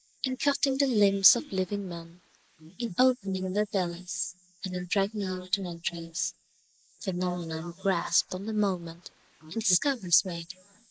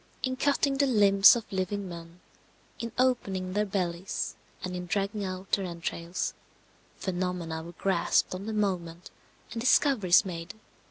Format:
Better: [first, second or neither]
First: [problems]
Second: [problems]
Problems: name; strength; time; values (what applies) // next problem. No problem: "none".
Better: second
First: noise reduction (neural mask model Resemble Enhance denoiser)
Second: none